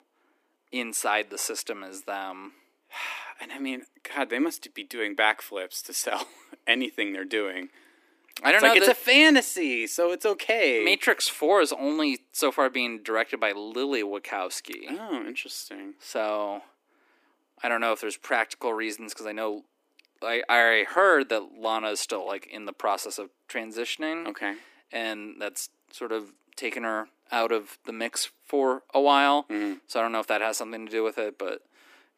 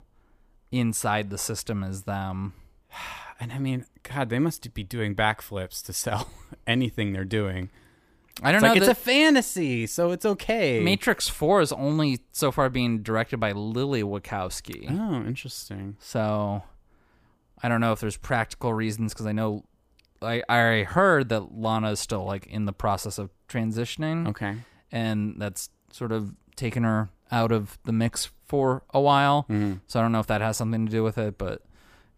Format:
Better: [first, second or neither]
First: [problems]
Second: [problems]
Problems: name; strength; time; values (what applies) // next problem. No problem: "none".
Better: second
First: thin; somewhat; fading below 250 Hz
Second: none